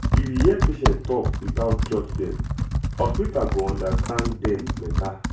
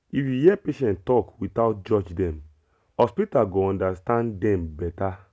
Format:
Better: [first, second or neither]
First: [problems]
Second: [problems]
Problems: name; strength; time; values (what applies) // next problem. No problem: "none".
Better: second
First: background sound (Computer keyboard); 3 dB above the speech // room echo; dies away in 0.3 s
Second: none